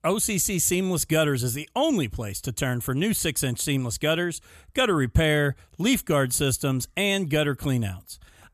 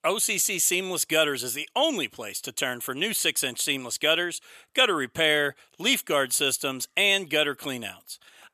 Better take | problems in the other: first | thin; somewhat; fading below 400 Hz

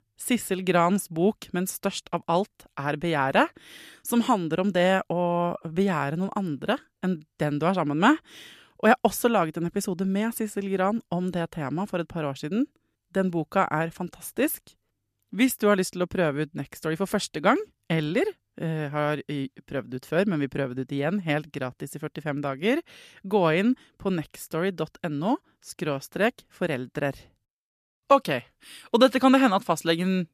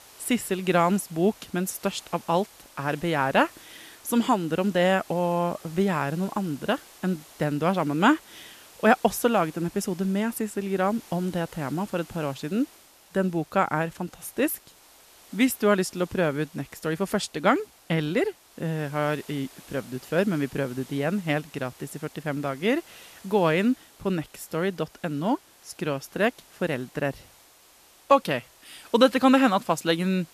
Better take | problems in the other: first | hiss; faint; throughout; 25 dB below the speech

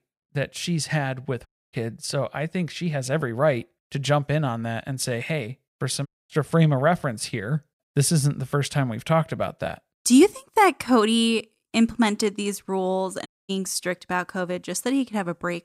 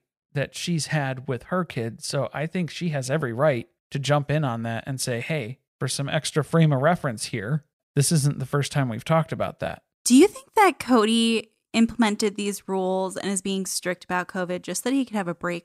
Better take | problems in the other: second | audio cutting out; at 1.5 s, at 6 s and at 13 s

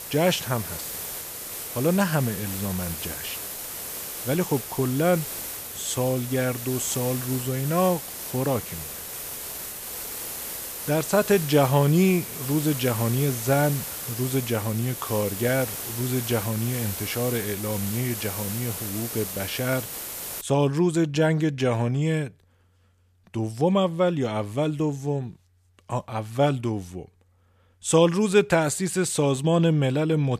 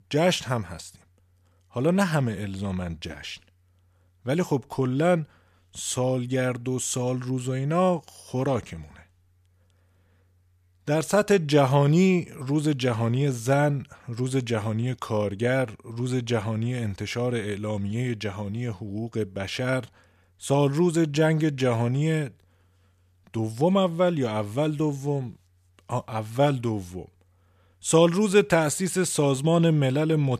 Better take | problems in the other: second | hiss; loud; until 20 s; 7 dB below the speech

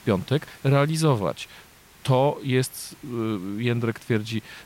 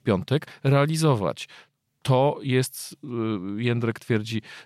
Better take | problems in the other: second | hiss; faint; throughout; 25 dB below the speech

